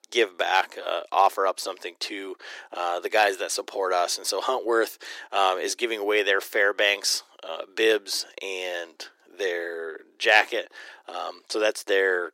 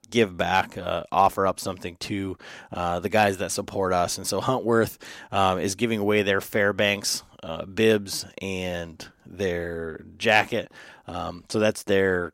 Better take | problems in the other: second | thin; very; fading below 350 Hz

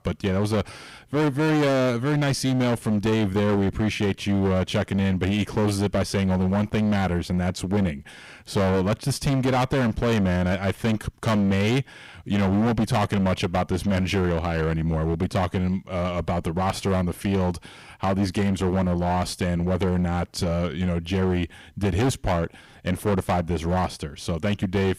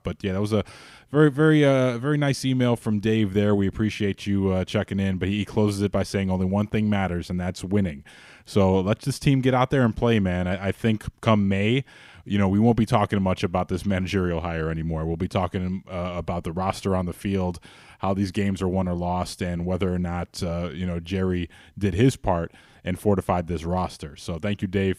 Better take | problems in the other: second | distortion; heavy; 18% of the sound clipped

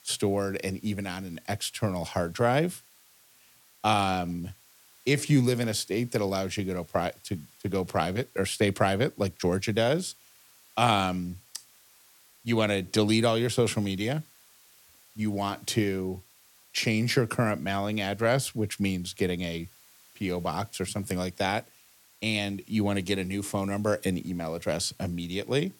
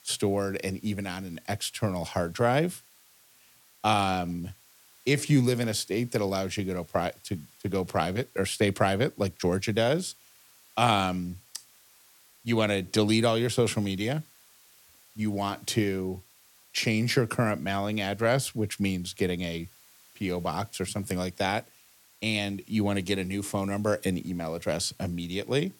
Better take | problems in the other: neither | hiss; faint; throughout; 25 dB below the speech; the same in both

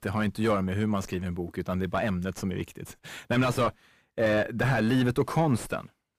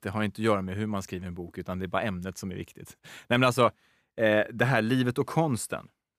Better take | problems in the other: second | distortion; heavy; 6 dB below the speech

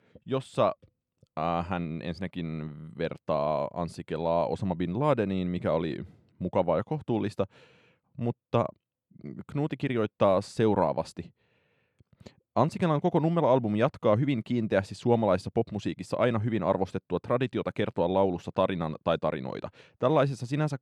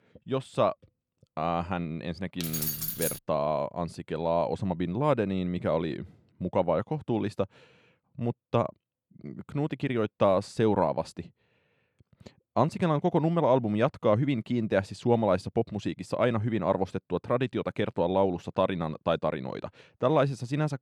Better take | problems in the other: first | jangling keys; noticeable; at 2.5 s; peak 1 dB below the speech

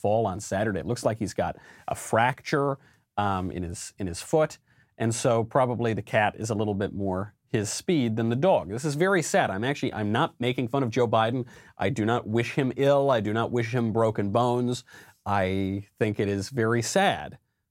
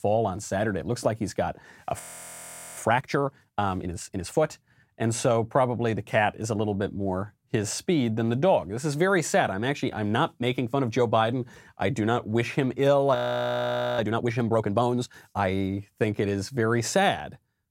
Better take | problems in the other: first | audio freezing; at 2 s for 1 s and at 13 s for 1 s

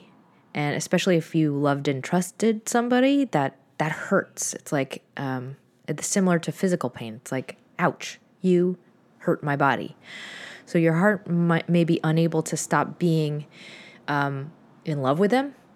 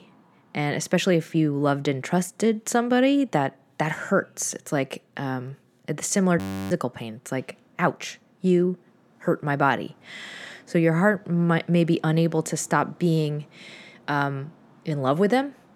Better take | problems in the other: first | audio freezing; at 6.5 s

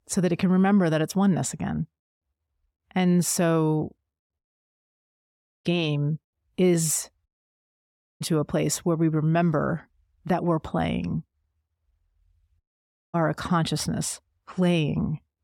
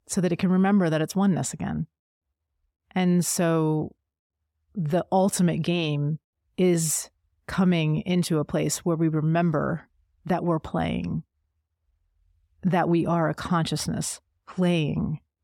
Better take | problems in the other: second | audio cutting out; at 4.5 s for 1.5 s, at 7.5 s for 1 s and at 13 s for 0.5 s

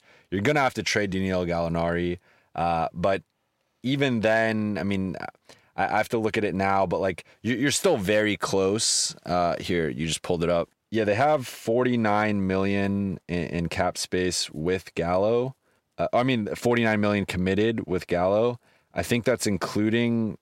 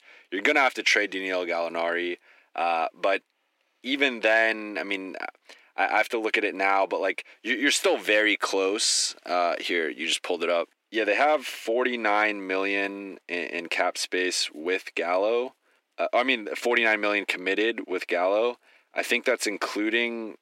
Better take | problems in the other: first | thin; somewhat; fading below 300 Hz

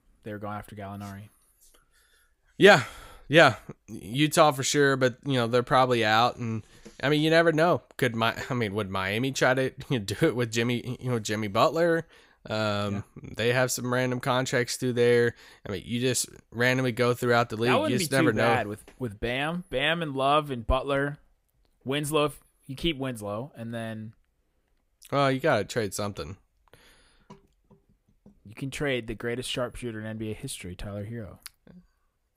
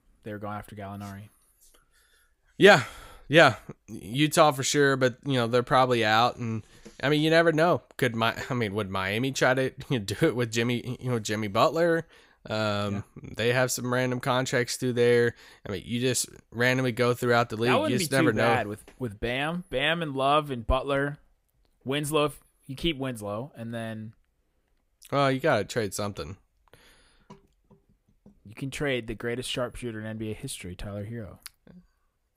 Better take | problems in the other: neither | none

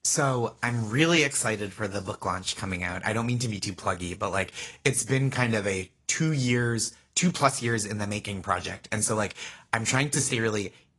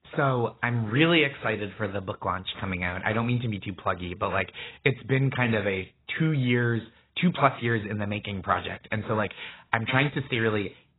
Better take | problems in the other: first | garbled, watery; badly; nothing above 4 kHz; slightly in the first

